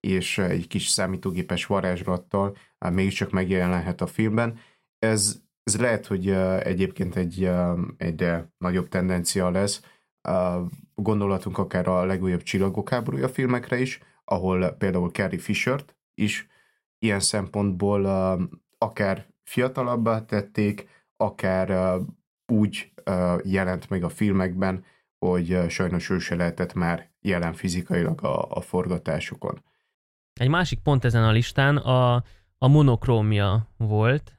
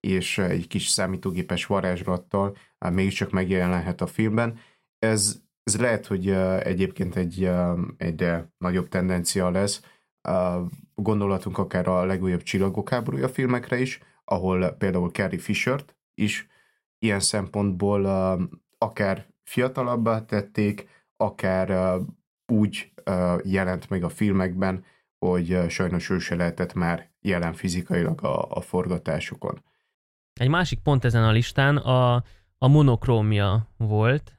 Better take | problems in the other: neither | none

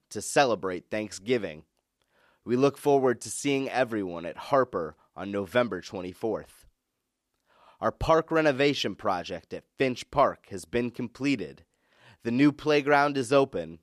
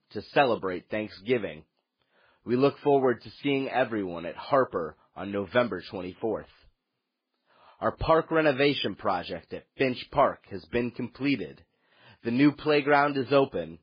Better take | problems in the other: first | garbled, watery; badly

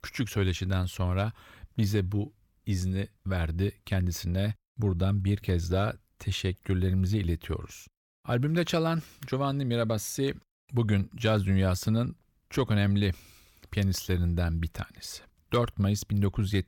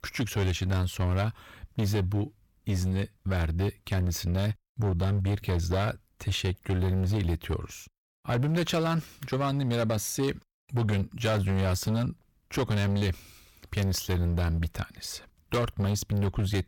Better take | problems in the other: first | distortion; slight; 17% of the sound clipped

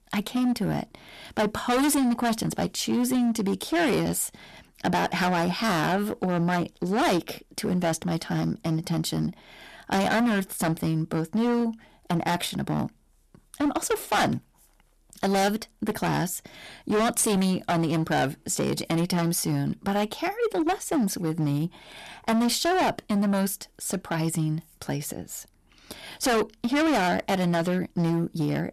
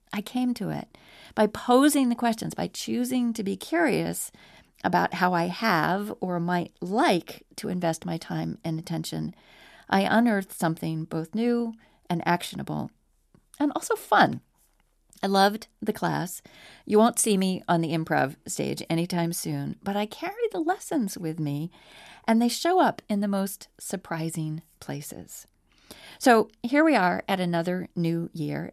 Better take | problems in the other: second | distortion; heavy; 15% of the sound clipped

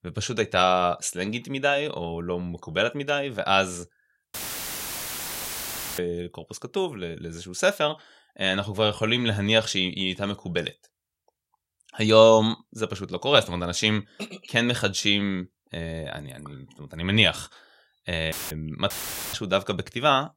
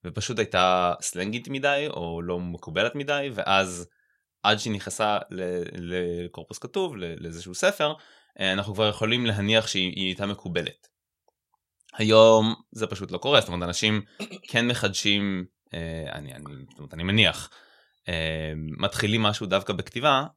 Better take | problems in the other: second | audio cutting out; filled with static; at 4.5 s for 1.5 s, at 18 s and at 19 s

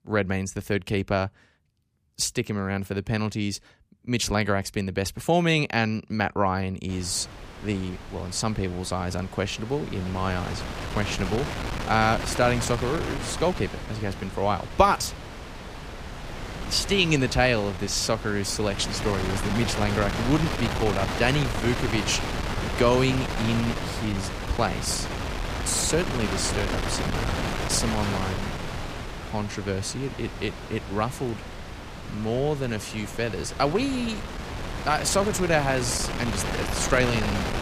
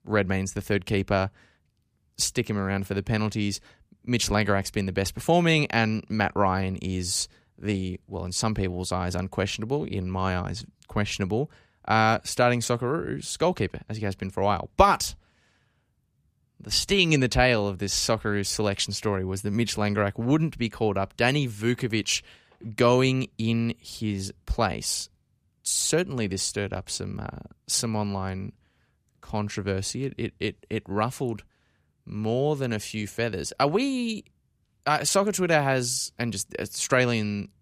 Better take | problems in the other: second | wind noise on the microphone; heavy; from 7 s on; 6 dB below the speech

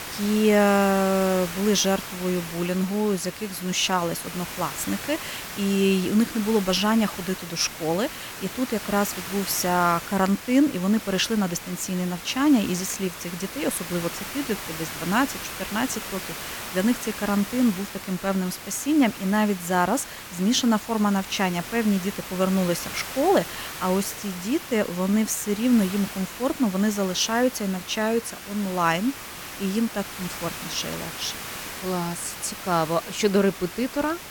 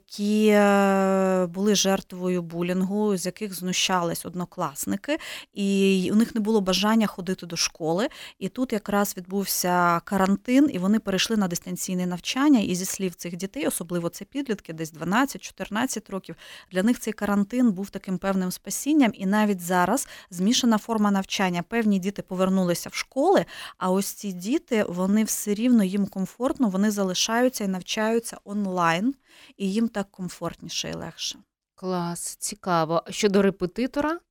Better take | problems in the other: second | hiss; loud; throughout; 10 dB below the speech

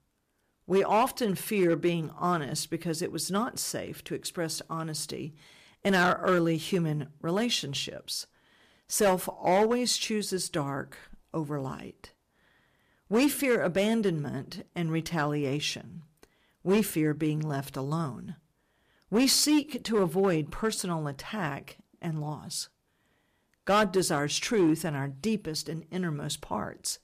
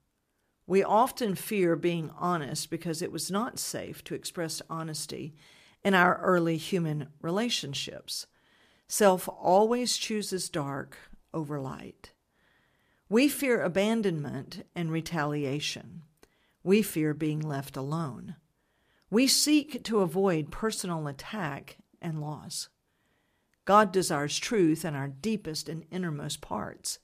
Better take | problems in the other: second | distortion; slight; 3% of the sound clipped

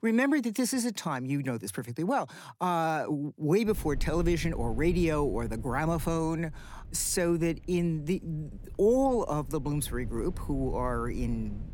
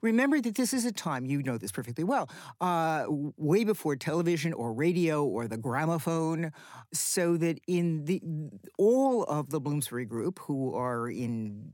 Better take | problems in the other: second | low rumble; faint; from 3.5 s on; 25 dB below the speech

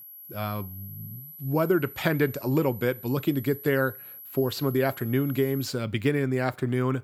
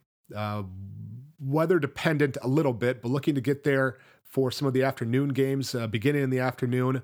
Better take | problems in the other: second | high-pitched whine; noticeable; until 5.5 s; 11.5 kHz, 15 dB below the speech

